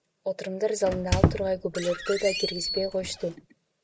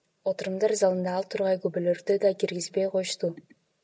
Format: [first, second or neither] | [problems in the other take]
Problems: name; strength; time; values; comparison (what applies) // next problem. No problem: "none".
second | background sound (Squeak); as loud as the speech